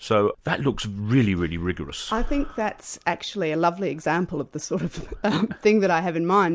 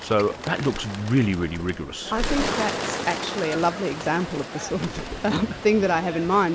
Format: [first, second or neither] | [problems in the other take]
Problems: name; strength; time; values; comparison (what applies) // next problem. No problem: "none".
first | background sound (Bird); 8 dB below the speech